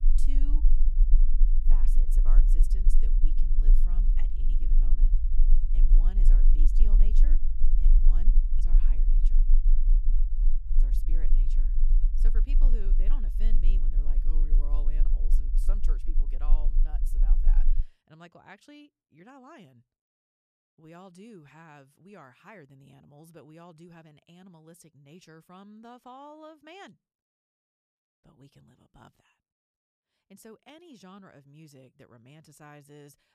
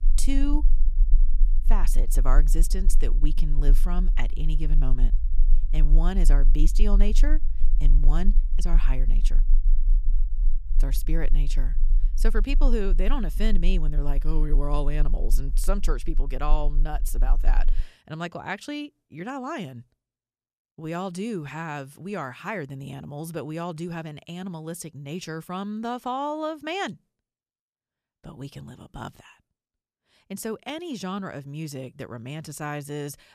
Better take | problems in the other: second | low rumble; loud; until 18 s; 4 dB below the speech; faint in the second

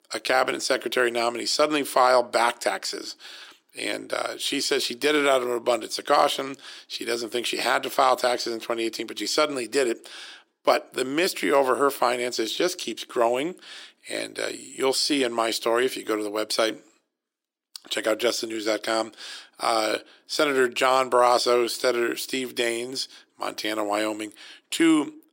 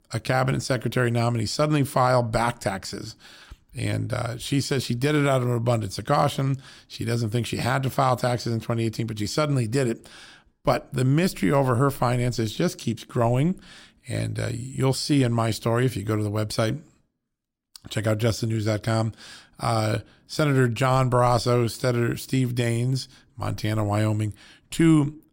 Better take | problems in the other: second | thin; very; fading below 350 Hz

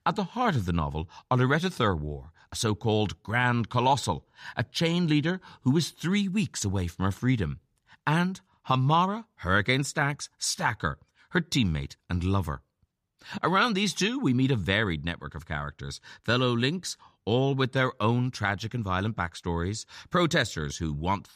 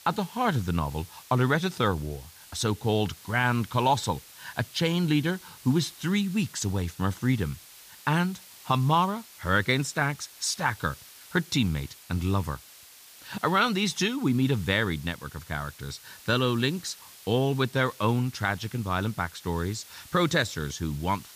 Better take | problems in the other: first | hiss; noticeable; throughout; 20 dB below the speech

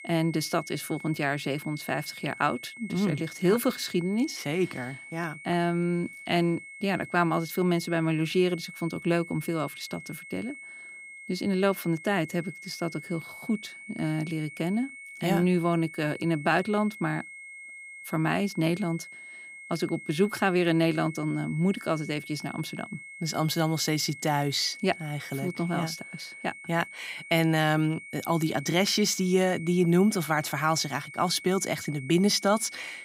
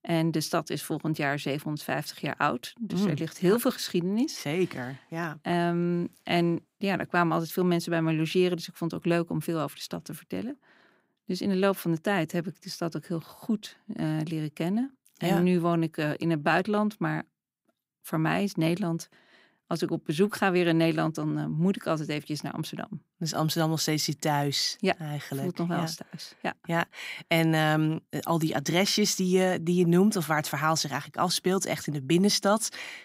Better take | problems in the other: second | high-pitched whine; noticeable; throughout; 2 kHz, 15 dB below the speech

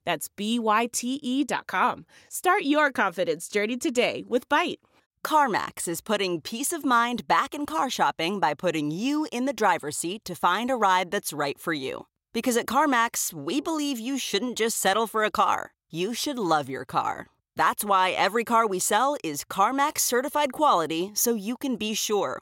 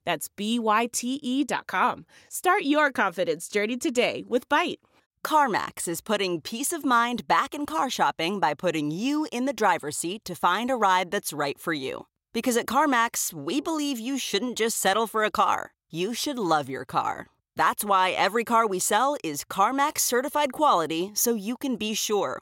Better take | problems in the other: neither | none

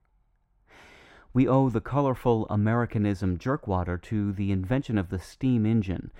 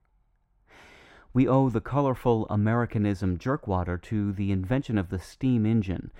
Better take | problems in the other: neither | muffled; slightly; fading above 3 kHz; the same in both

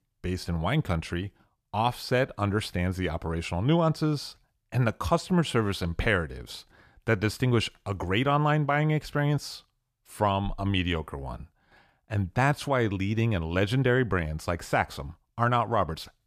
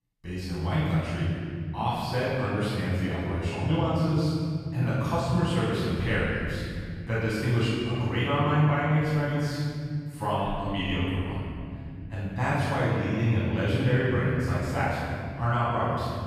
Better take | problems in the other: first | off-mic speech; far // room echo; strong; dies away in 2.7 s

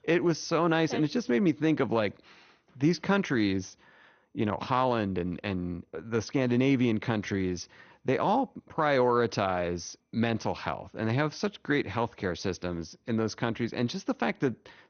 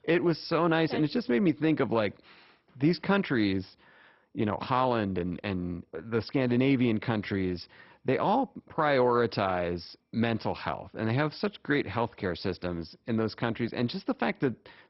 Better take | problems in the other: first | garbled, watery; badly; nothing above 5.5 kHz; slightly in the first

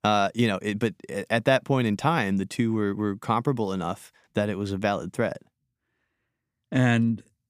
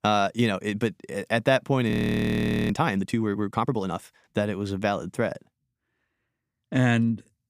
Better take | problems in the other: first | audio freezing; at 2 s for 1 s

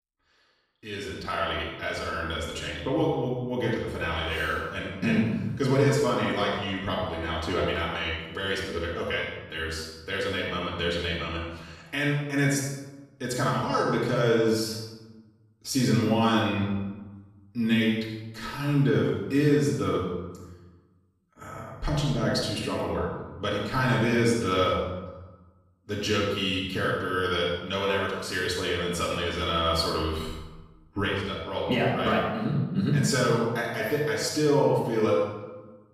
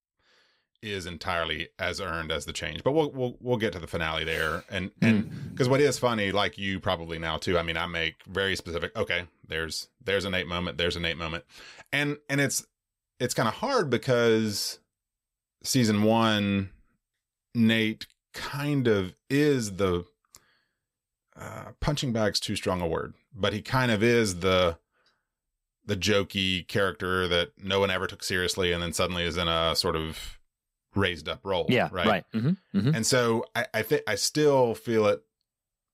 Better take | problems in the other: second | off-mic speech; far // room echo; noticeable; dies away in 1 s

